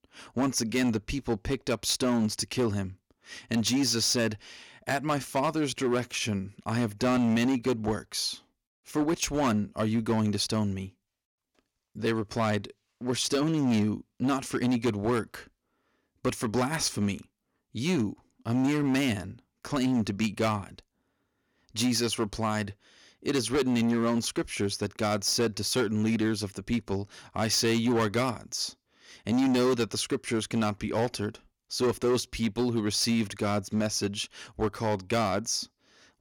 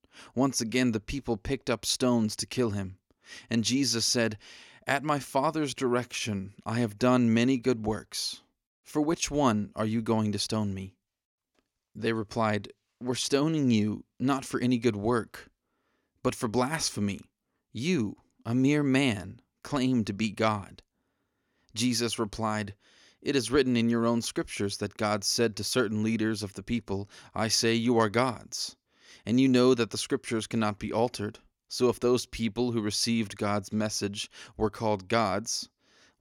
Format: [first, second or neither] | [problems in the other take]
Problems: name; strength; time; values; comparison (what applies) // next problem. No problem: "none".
second | distortion; slight; 8% of the sound clipped